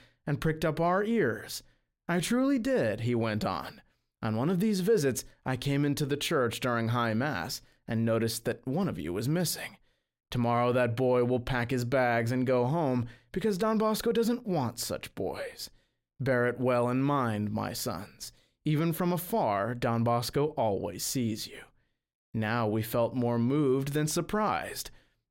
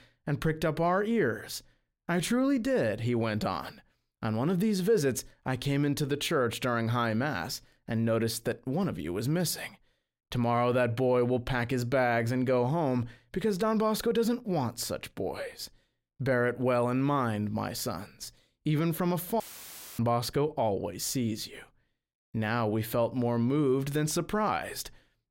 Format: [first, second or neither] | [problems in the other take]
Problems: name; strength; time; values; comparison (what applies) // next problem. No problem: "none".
first | audio cutting out; filled with static; at 19 s for 0.5 s